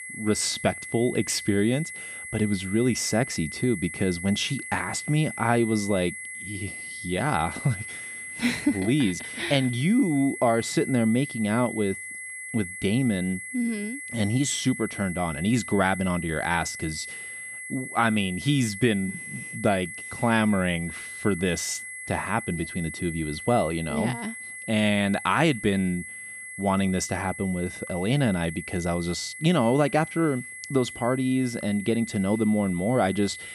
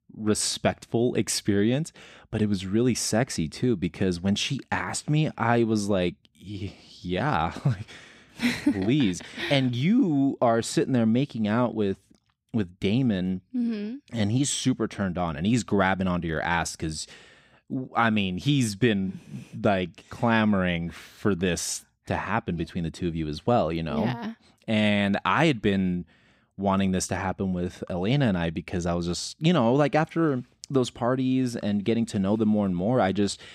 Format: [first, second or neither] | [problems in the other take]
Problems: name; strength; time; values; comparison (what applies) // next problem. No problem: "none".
second | high-pitched whine; loud; throughout; 2 kHz, 10 dB below the speech